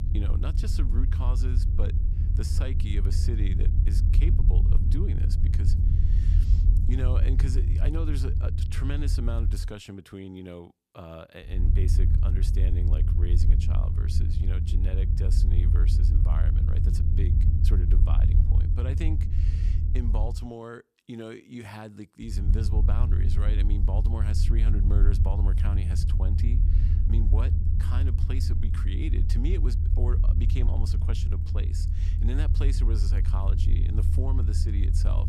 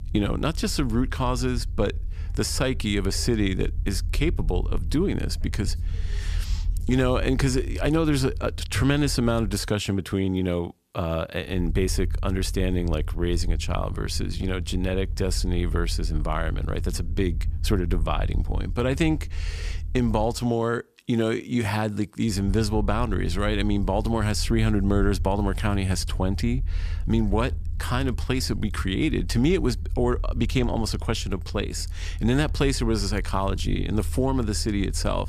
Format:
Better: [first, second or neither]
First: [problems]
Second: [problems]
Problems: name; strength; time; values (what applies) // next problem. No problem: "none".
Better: second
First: low rumble; loud; until 9.5 s, from 12 to 20 s and from 22 s on; 1 dB below the speech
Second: low rumble; faint; until 9.5 s, from 12 to 20 s and from 22 s on; 20 dB below the speech